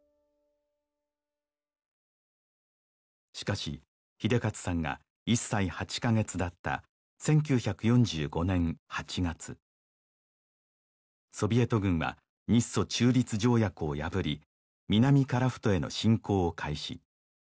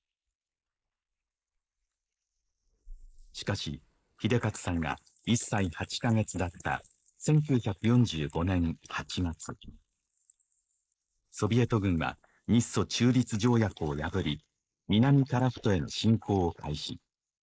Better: first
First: none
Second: noise reduction (neural mask model Resemble Enhance denoiser)

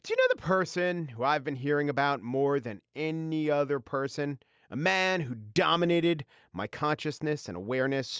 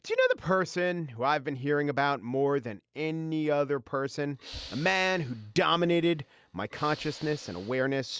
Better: first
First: none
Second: background sound (Hiss / Breathing); 19 dB below the speech

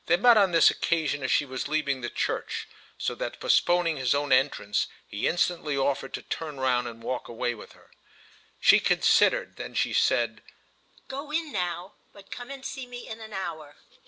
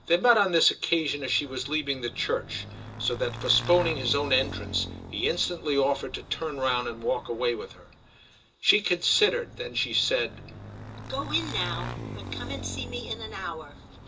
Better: first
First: none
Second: background sound (Motorcycle / Engine); 12 dB below the speech // room echo; dies away in 0.2 s

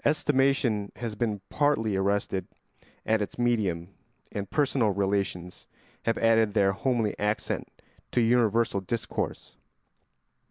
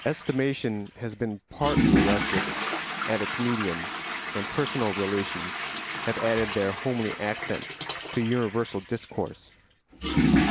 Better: first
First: none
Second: background sound (Toilet flush / Water); as loud as the speech

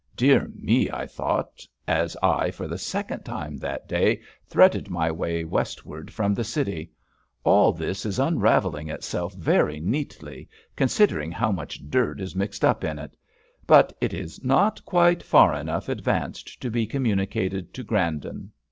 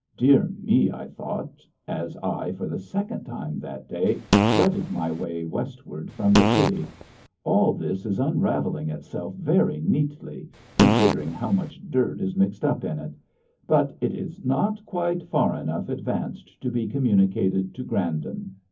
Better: first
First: none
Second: background sound (Fart); 2 dB above the speech // room echo; dies away in 0.3 s

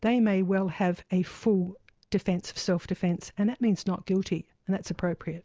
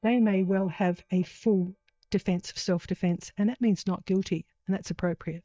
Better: first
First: none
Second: noise reduction (neural mask model DeepFilterNet 3)

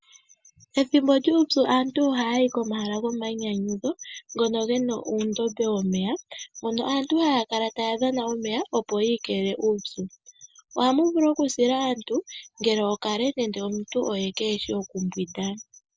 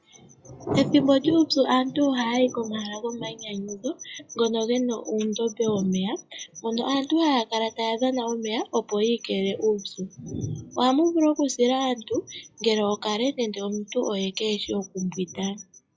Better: first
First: none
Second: noise reduction (classical method log-MMSE)

